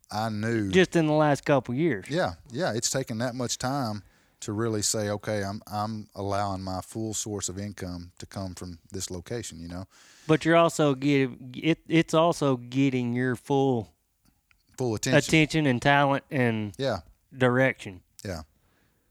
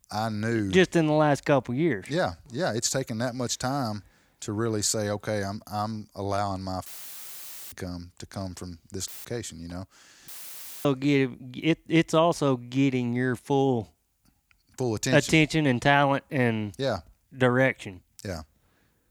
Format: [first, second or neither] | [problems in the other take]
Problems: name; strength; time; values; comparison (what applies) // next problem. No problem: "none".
first | audio cutting out; filled with static; at 7 s for 1 s, at 9 s and at 10 s for 0.5 s